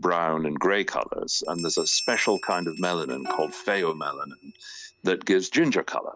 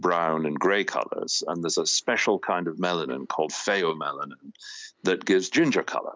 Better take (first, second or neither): second